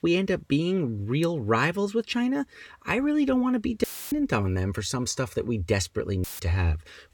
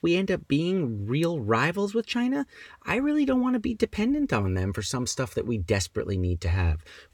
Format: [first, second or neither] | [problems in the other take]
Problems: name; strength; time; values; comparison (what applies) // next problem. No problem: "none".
second | audio cutting out; filled with static; at 4 s and at 6 s